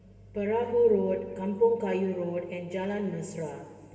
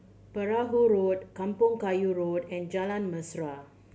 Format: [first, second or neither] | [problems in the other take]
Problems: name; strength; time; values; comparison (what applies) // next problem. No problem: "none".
second | room echo; dies away in 1.9 s